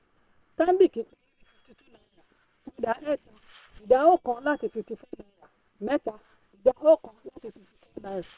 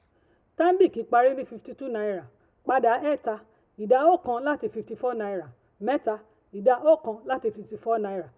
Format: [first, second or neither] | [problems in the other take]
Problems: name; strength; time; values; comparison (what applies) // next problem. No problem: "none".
second | noise reduction (neural separator model SepFormer WHAM!)